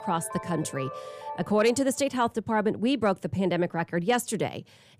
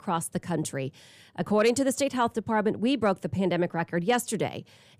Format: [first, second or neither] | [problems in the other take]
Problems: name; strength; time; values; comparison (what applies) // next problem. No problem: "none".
second | phone ringing; faint; until 2 s; peak 10 dB below the speech